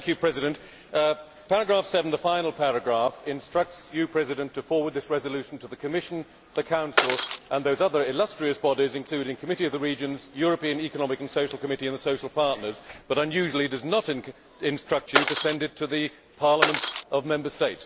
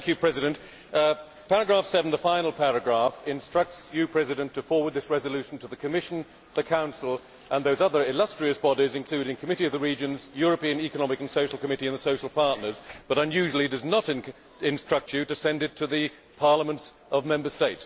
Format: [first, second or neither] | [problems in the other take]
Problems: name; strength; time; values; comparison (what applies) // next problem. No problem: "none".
second | background sound (Shatter); 2 dB above the speech